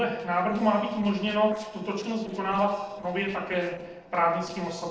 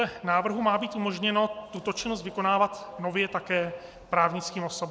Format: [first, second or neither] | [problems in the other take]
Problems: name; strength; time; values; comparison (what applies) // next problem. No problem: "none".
second | noise reduction (neural separator model SepFormer DNS4)